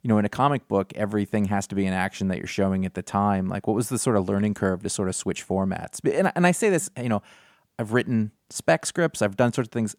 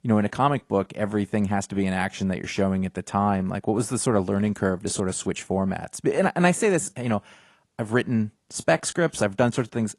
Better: first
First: none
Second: garbled, watery; slightly

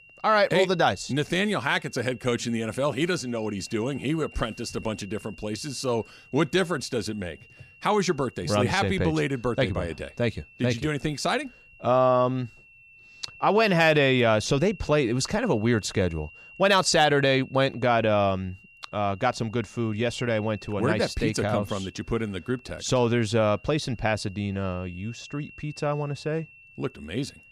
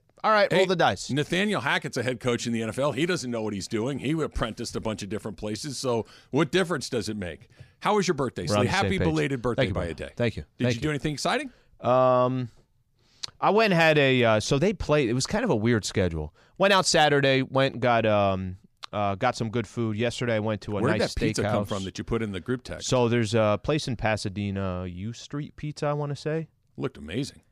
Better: second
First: high-pitched whine; faint; throughout; 2.5 kHz, 25 dB below the speech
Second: none

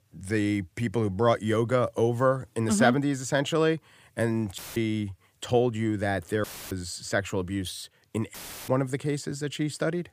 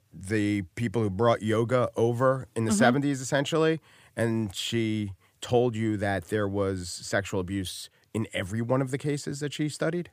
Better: second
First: audio cutting out; filled with static; at 4.5 s, at 6.5 s and at 8.5 s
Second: none

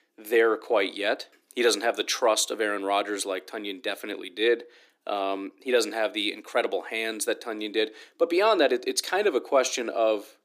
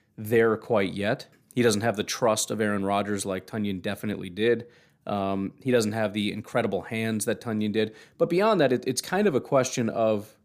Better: second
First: thin; somewhat; fading below 300 Hz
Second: none

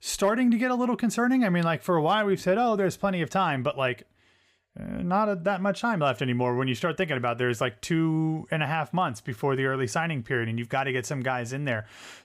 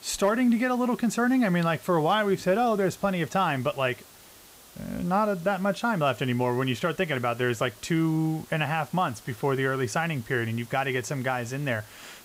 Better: first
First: none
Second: hiss; faint; throughout; 20 dB below the speech

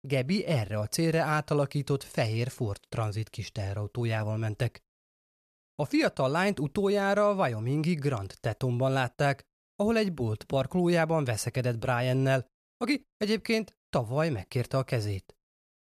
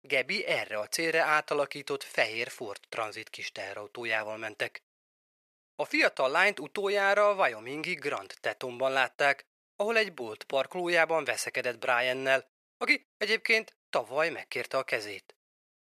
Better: first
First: none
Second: thin; very; fading below 500 Hz

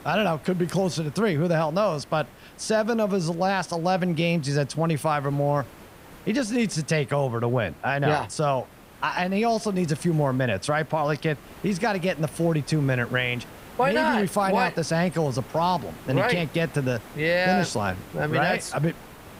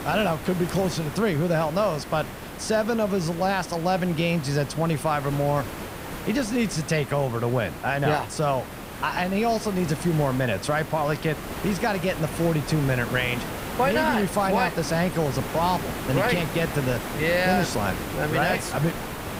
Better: first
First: hiss; faint; throughout; 20 dB below the speech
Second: hiss; loud; throughout; 9 dB below the speech

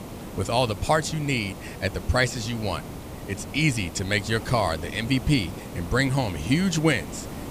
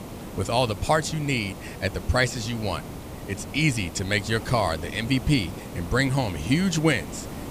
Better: neither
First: hiss; noticeable; throughout; 10 dB below the speech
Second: hiss; noticeable; throughout; 10 dB below the speech

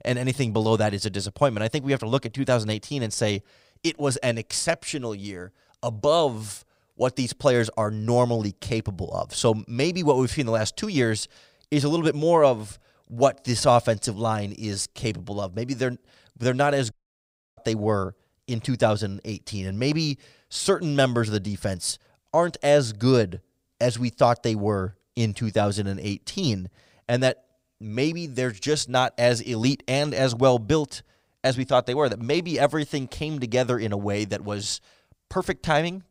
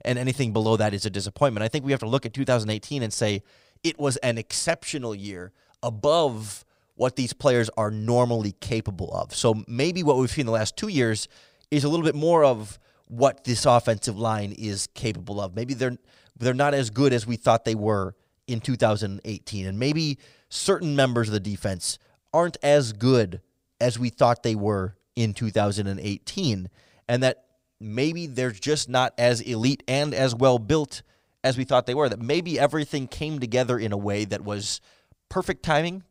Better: second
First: audio cutting out; at 17 s for 0.5 s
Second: none

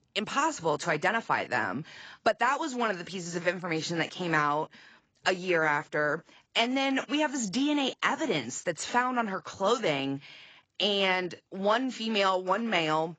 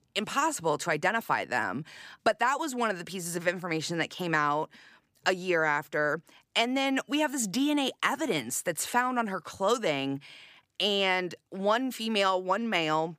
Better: second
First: garbled, watery; badly; nothing above 7.5 kHz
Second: none

